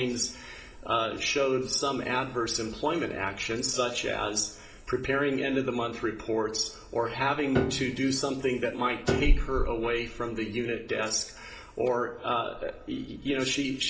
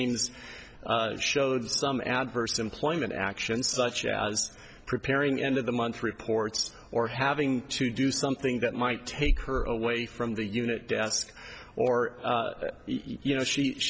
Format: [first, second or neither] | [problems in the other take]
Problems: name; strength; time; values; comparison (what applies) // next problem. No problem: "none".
second | background sound (Piano); 5 dB below the speech // room echo; dies away in 1.2 s